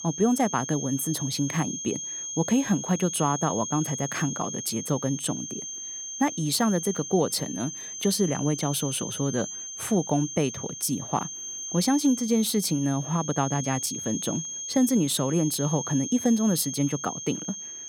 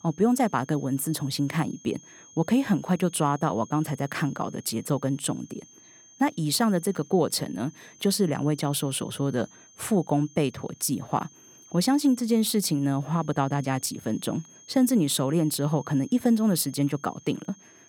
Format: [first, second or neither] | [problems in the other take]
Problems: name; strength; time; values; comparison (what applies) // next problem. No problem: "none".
second | high-pitched whine; loud; throughout; 6.5 kHz, 6 dB below the speech; faint in the second